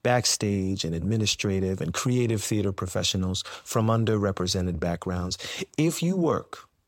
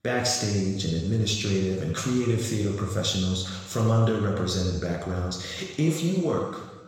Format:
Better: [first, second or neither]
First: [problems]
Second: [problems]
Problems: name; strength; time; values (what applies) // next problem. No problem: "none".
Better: first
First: none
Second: room echo; noticeable; dies away in 1.1 s // off-mic speech; somewhat distant